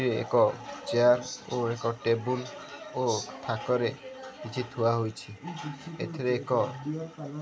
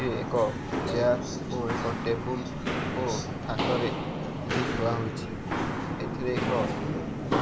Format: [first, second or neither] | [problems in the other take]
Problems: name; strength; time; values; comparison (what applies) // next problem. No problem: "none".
first | background sound (Walk, footsteps); 1 dB above the speech